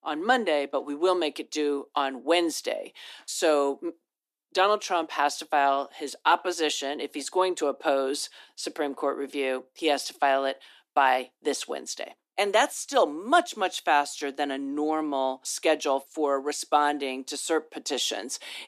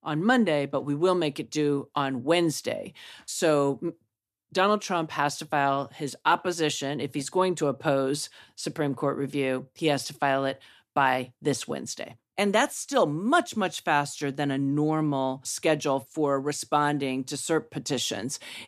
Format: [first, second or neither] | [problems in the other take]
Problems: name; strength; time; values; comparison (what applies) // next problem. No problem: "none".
second | thin; somewhat; fading below 300 Hz